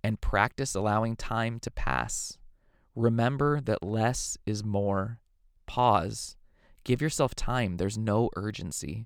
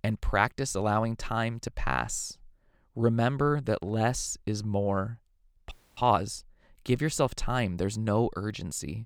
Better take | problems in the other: first | audio freezing; at 5.5 s

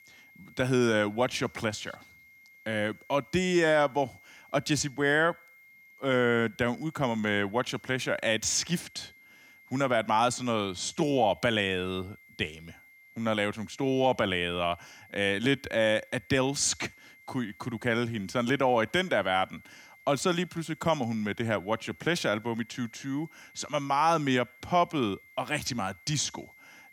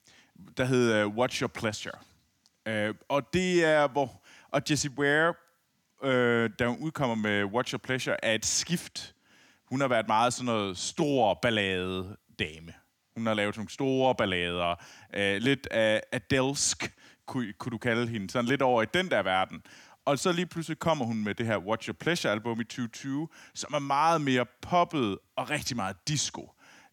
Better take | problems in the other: second | high-pitched whine; faint; throughout; 2 kHz, 25 dB below the speech

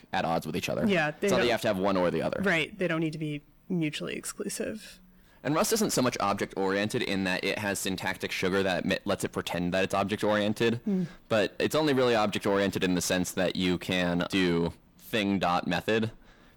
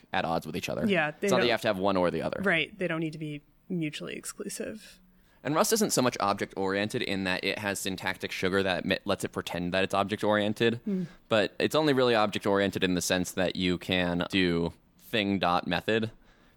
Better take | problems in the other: second | distortion; slight; 10 dB below the speech

